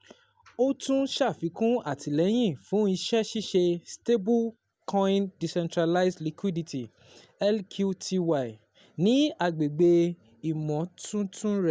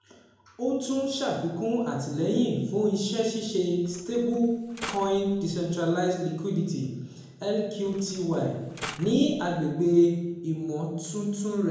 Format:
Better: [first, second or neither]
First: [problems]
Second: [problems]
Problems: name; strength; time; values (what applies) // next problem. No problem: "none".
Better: first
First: none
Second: background sound (Mechanisms); 16 dB below the speech // room echo; dies away in 0.8 s